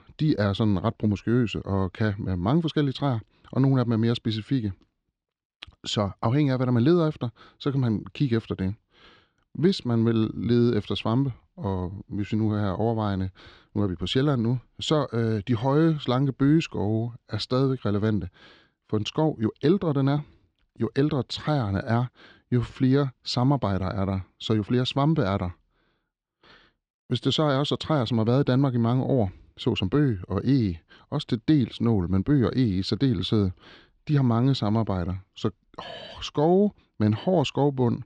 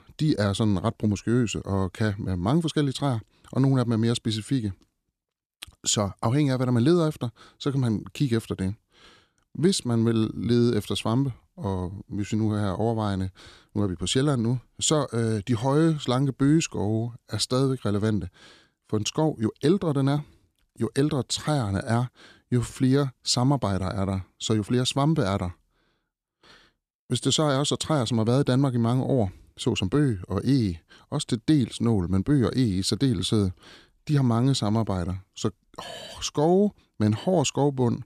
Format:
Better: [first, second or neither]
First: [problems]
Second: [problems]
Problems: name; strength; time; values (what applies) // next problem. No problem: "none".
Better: second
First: muffled; very slightly; fading above 4 kHz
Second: none